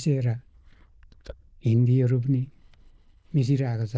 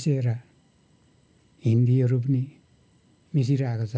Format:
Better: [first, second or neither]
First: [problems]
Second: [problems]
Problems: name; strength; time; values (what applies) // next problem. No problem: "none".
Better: second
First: noise reduction (neural diffusion model UNIVERSE++)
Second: none